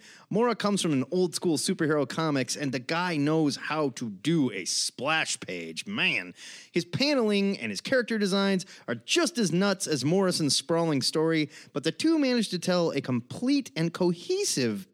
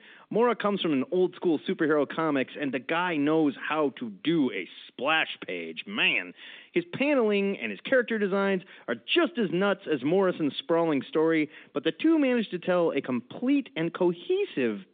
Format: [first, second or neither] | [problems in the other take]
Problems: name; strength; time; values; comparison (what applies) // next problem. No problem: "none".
first | phone-call audio